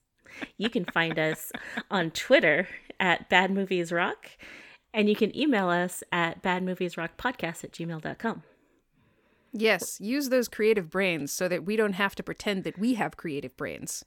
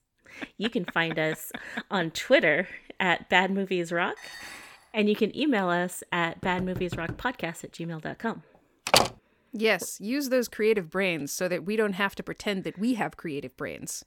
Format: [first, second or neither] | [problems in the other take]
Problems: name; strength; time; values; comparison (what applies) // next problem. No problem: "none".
first | clattering dishes; faint; at 4 s; peak 15 dB below the speech // door banging; faint; at 6.5 s; peak 10 dB below the speech // door banging; loud; at 9 s; peak 6 dB above the speech